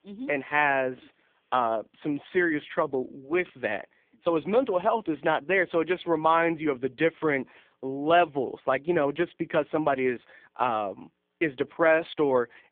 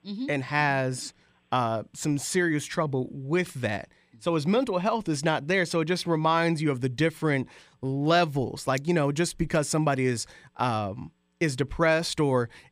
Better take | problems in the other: second | phone-call audio; poor line

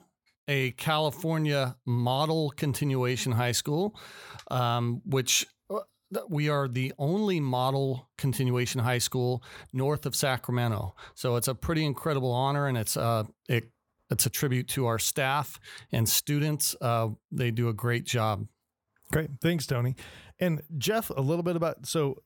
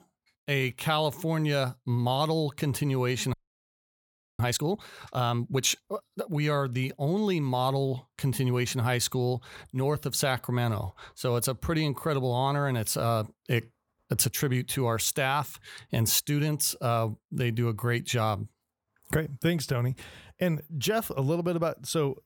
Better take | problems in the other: first | audio freezing; at 3.5 s for 1 s

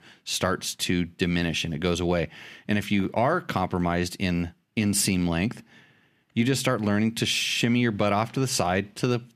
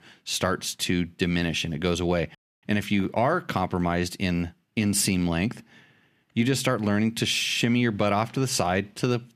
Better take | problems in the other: first | audio cutting out; at 2.5 s

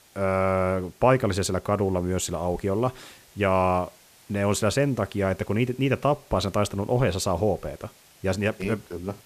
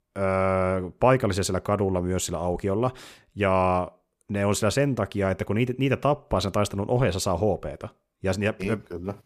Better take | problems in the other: second | hiss; faint; throughout; 25 dB below the speech

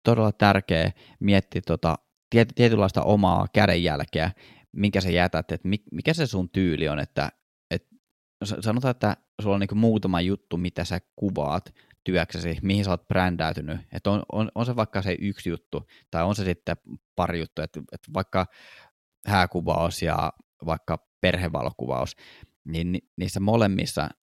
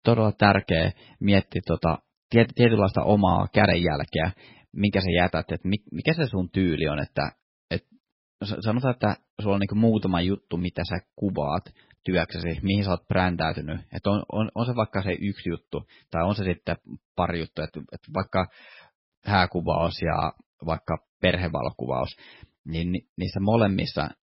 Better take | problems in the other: first | garbled, watery; badly; nothing above 5 kHz

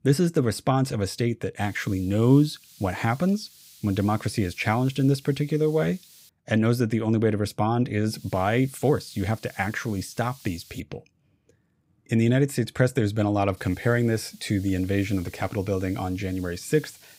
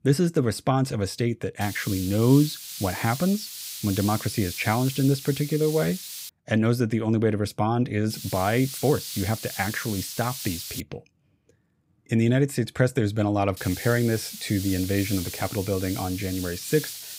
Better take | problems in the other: first | hiss; loud; from 1.5 to 6.5 s, from 8 to 11 s and from 14 s on; 9 dB below the speech; faint in the first

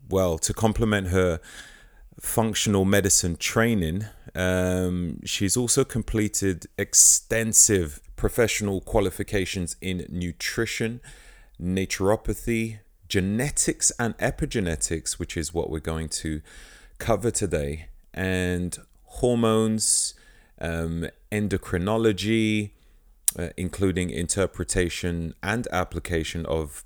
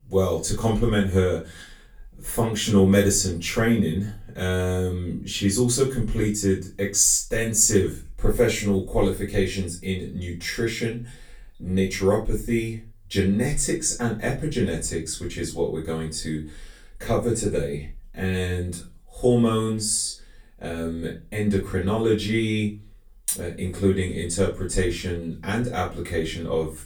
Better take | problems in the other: first | off-mic speech; far // room echo; slight; dies away in 0.3 s

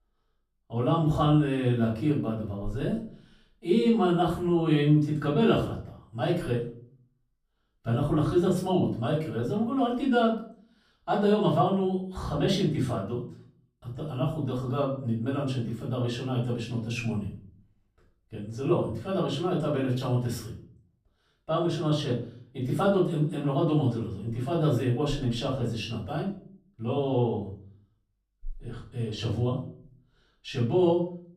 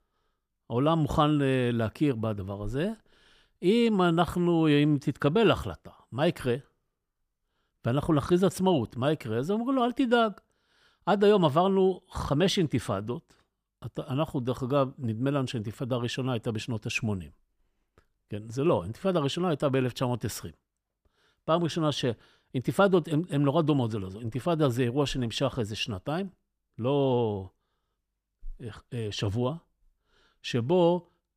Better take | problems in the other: second | off-mic speech; far // room echo; noticeable; dies away in 0.4 s

